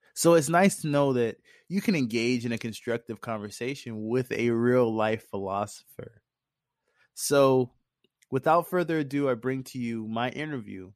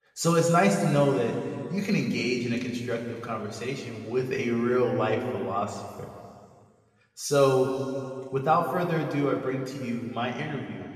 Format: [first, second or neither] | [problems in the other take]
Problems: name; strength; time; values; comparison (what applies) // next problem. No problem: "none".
first | room echo; noticeable; dies away in 2.2 s // off-mic speech; far